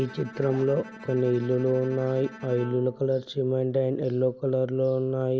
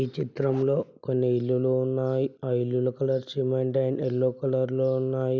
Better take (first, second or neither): second